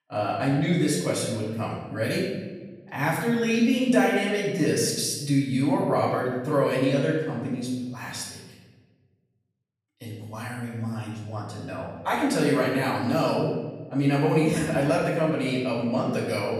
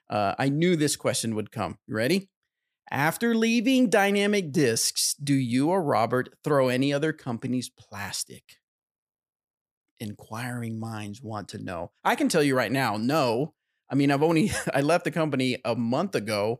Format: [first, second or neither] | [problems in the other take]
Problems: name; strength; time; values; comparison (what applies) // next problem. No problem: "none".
second | room echo; noticeable; dies away in 1.2 s // off-mic speech; far